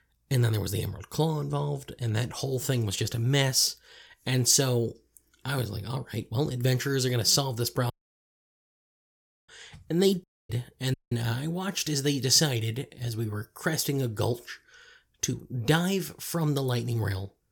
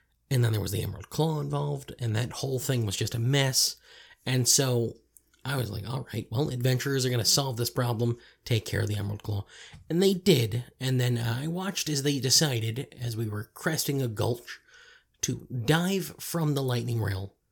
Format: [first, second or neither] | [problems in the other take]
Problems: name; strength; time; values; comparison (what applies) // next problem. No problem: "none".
second | audio cutting out; at 8 s for 1.5 s, at 10 s and at 11 s